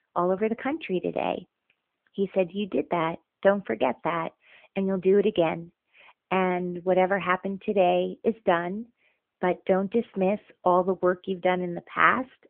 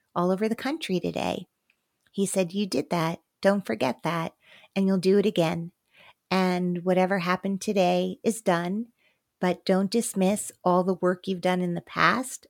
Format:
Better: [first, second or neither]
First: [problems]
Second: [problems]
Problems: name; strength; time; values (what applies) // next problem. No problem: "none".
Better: second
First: phone-call audio; nothing above 3.5 kHz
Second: none